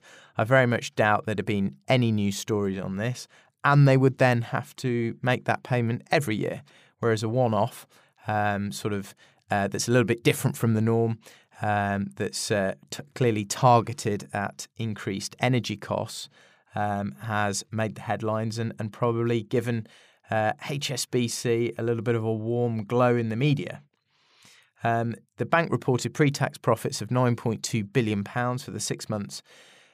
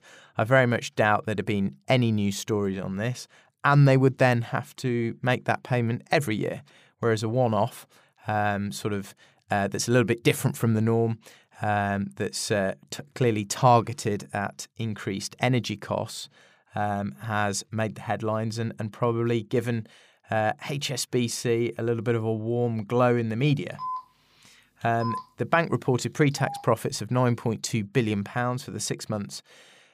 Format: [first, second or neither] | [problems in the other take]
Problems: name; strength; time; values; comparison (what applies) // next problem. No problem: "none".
first | phone ringing; noticeable; from 24 to 27 s; peak 8 dB below the speech